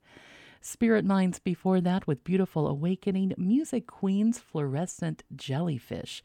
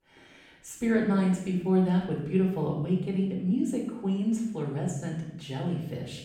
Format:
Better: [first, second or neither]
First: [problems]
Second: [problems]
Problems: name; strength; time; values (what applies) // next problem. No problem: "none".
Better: first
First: none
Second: room echo; noticeable; dies away in 0.7 s // off-mic speech; far